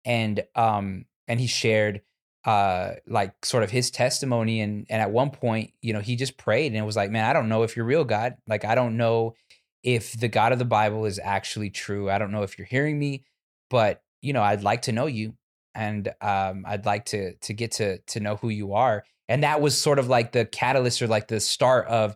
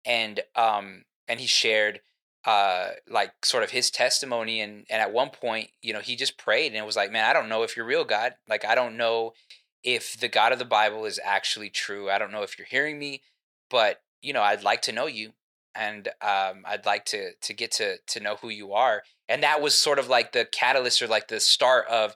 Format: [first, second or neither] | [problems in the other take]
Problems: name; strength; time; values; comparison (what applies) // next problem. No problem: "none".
first | thin; very; fading below 500 Hz